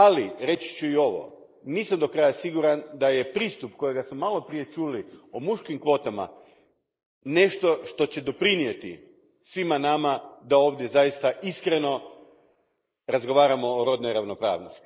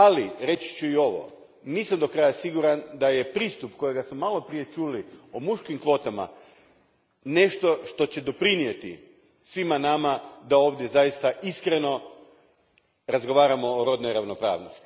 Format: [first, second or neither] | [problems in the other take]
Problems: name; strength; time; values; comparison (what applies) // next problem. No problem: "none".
second | noise reduction (neural mask model Resemble Enhance denoiser)